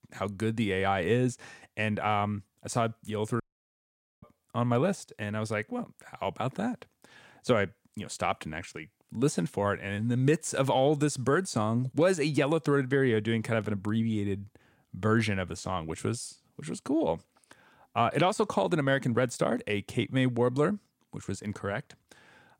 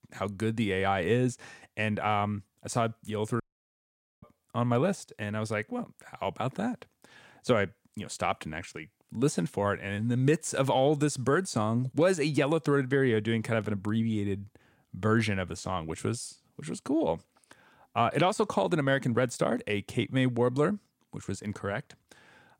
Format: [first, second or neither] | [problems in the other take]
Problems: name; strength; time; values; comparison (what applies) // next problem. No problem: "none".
neither | audio cutting out; at 3.5 s for 1 s; the same in both